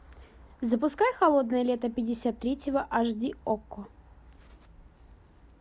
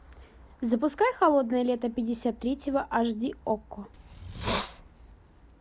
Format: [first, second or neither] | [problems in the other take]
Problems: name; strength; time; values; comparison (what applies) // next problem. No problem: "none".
first | background sound (Hiss); 6 dB below the speech